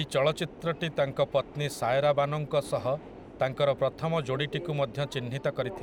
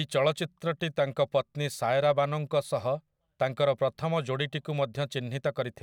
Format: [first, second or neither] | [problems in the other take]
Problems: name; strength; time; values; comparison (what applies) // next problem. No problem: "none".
second | background sound (Subway, metro, underground); 15 dB below the speech